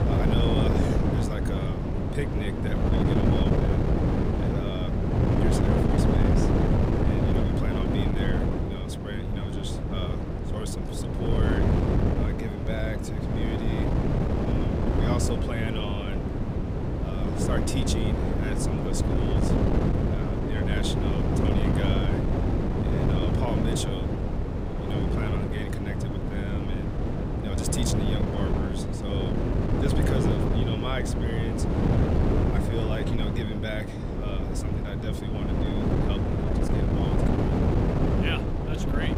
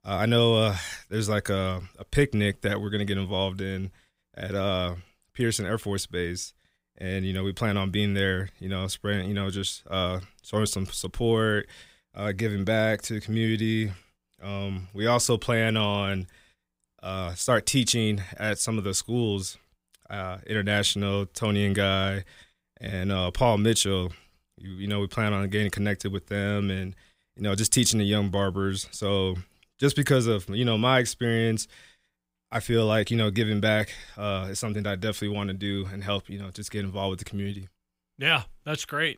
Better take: second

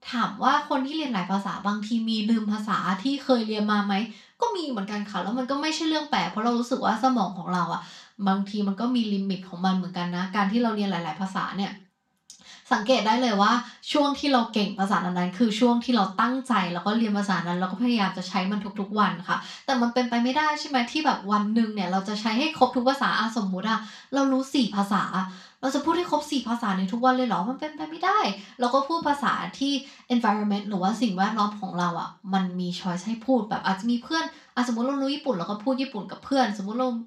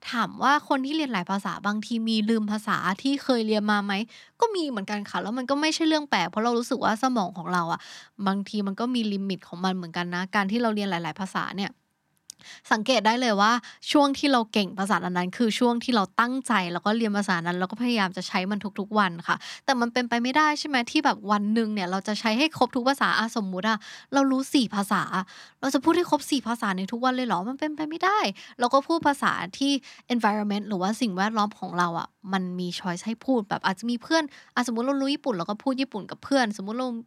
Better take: second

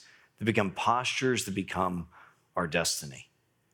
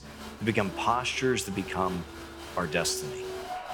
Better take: first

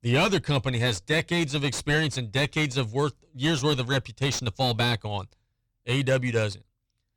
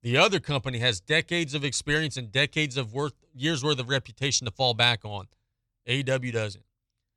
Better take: second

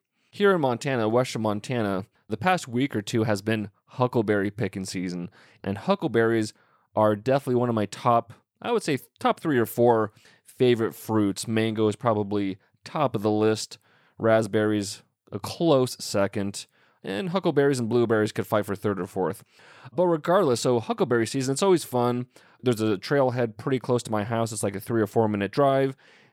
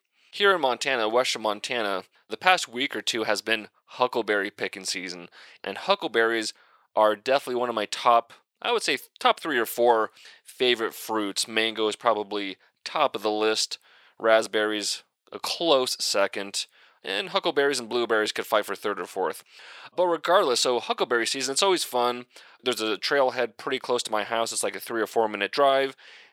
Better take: first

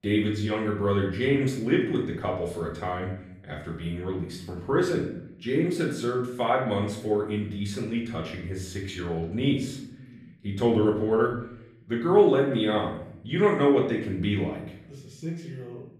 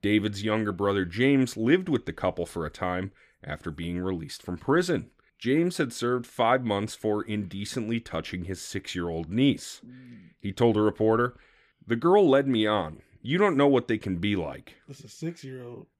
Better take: second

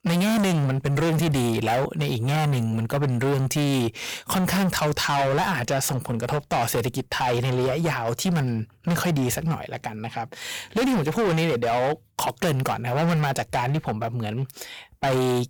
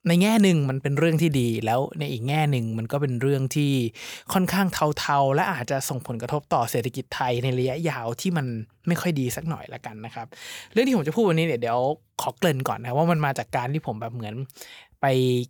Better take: second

